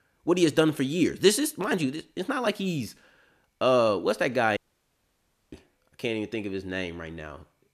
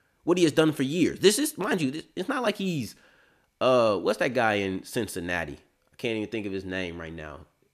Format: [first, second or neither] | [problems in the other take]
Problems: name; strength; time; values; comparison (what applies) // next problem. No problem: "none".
second | audio cutting out; at 4.5 s for 1 s